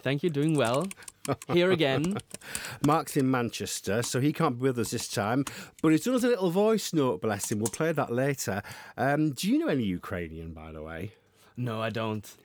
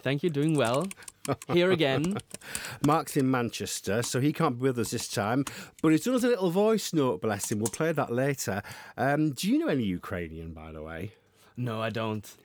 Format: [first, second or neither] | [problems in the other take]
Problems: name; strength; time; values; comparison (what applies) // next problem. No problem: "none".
neither | keyboard typing; noticeable; until 8.5 s; peak 7 dB below the speech; the same in both